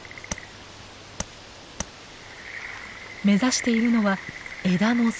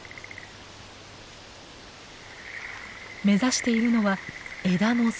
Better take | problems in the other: second | background sound (Tap); 11 dB below the speech

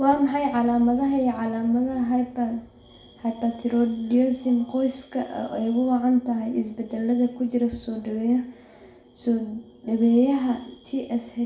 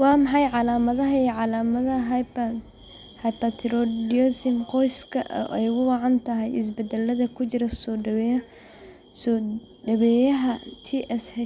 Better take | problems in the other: second | room echo; dies away in 0.5 s

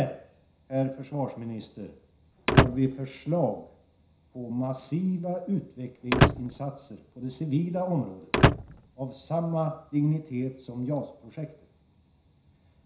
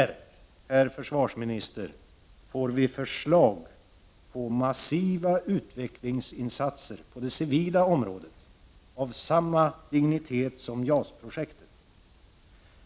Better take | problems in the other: second | background sound (Slam / Wood); 5 dB above the speech // room echo; dies away in 0.5 s

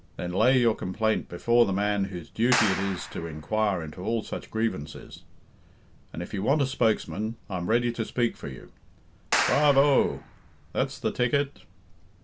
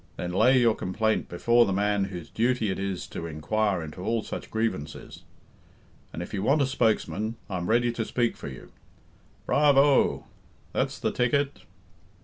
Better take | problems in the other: second | background sound (Clapping); 6 dB below the speech

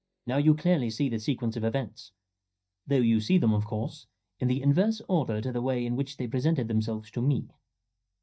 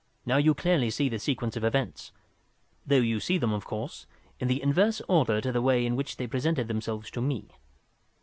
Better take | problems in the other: second | noise reduction (neural mask model DeepFilterNet 3)

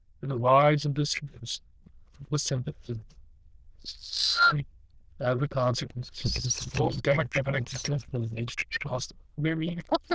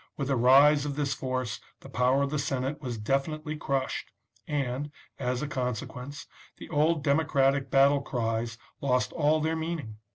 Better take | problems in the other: second | noise reduction (neural diffusion model UNIVERSE++)

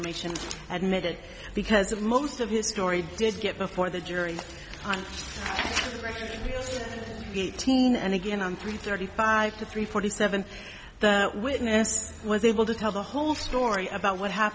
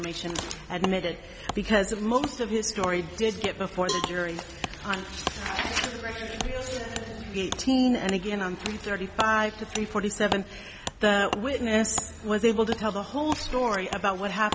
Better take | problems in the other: first | background sound (Wood + Cowbell); 11 dB below the speech

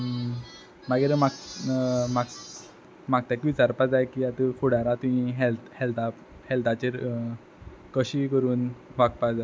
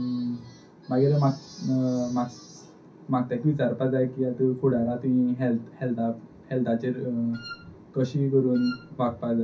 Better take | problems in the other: first | background sound (Wind instrument, woodwind instrument); 17 dB below the speech // room echo; dies away in 0.3 s

